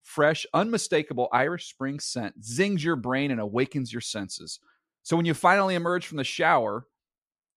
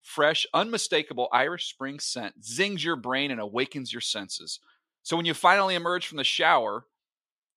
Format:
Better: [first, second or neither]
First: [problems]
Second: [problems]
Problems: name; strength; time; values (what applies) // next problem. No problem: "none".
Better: first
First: none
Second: thin; very slightly; fading below 800 Hz